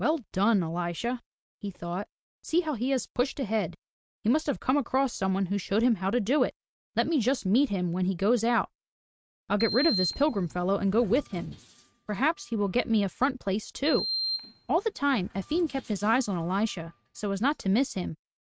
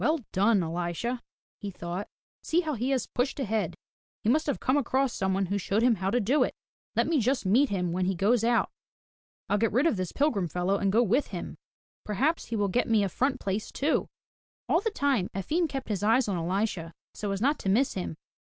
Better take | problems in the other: second | noise reduction (neural mask model RNNoise)

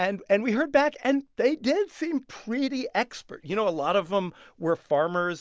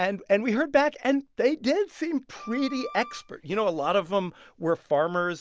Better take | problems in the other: first | background sound (Wind instrument, woodwind instrument); 18 dB below the speech

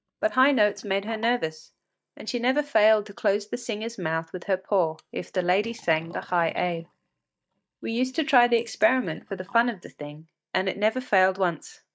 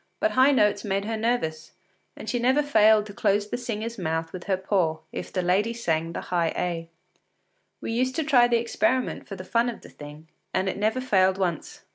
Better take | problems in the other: second | noise reduction (neural mask model DeepFilterNet 3)

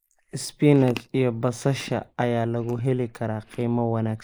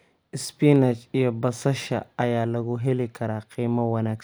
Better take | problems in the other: second | noise reduction (neural mask model Resemble Enhance denoiser)

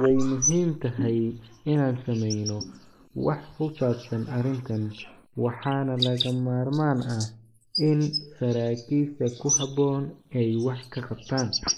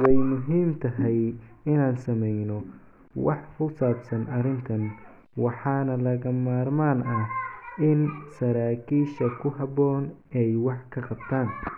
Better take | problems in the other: second | noise reduction (neural mask model Resemble Enhance denoiser)

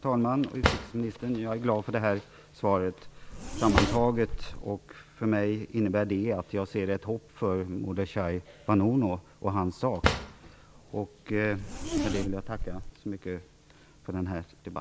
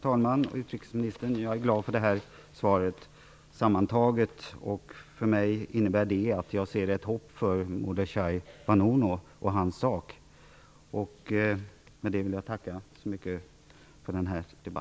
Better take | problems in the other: second | background sound (Zipper (clothing) + Drawer open or close); 2 dB below the speech

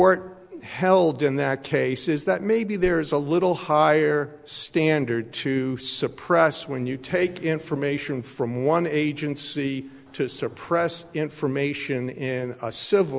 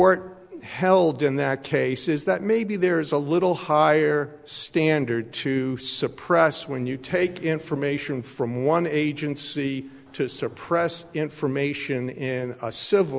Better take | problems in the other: second | background sound (Thump, thud); 17 dB below the speech

